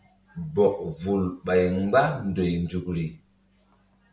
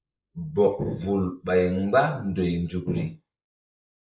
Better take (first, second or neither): first